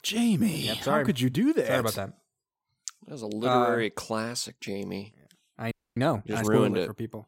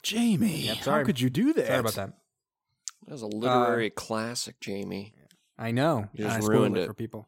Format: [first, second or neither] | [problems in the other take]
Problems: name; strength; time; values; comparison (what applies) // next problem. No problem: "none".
second | audio freezing; at 5.5 s